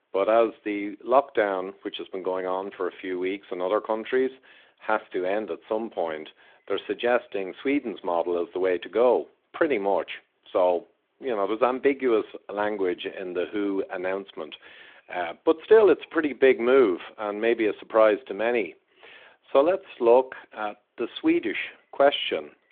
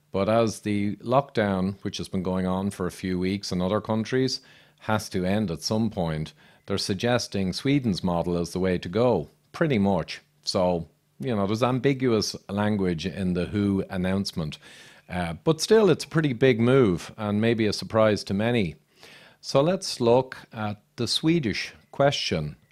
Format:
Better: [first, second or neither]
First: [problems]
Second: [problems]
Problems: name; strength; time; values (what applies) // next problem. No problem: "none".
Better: second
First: phone-call audio; nothing above 3.5 kHz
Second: none